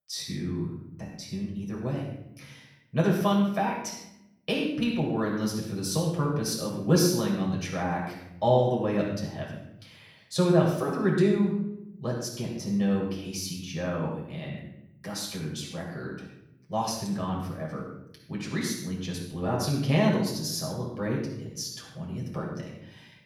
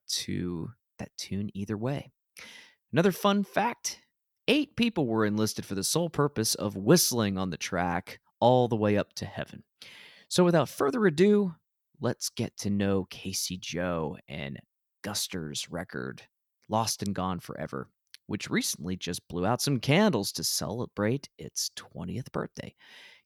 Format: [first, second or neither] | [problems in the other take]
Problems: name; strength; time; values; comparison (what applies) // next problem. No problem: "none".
second | off-mic speech; far // room echo; noticeable; dies away in 0.8 s